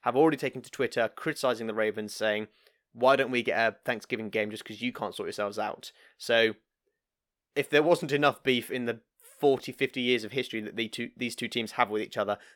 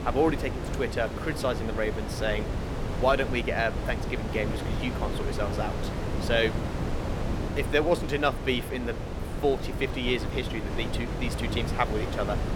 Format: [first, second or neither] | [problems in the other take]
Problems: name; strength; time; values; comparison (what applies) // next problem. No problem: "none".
first | wind noise on the microphone; heavy; 7 dB below the speech